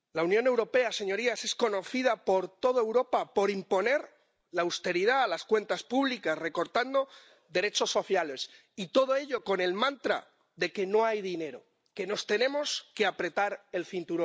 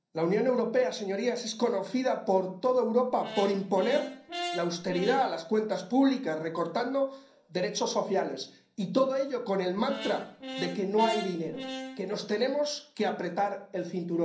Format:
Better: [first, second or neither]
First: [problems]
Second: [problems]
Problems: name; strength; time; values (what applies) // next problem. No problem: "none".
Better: first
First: none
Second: background sound (Brass instrument); 11 dB below the speech // room echo; dies away in 0.6 s